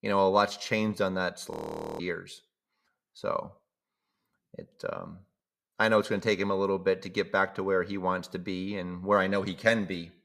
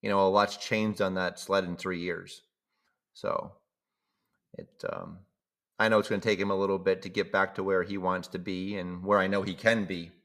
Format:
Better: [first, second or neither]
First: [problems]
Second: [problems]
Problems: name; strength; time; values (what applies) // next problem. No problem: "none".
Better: second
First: audio freezing; at 1.5 s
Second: none